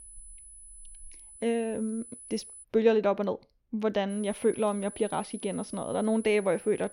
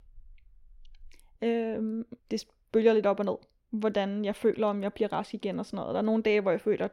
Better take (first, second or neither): second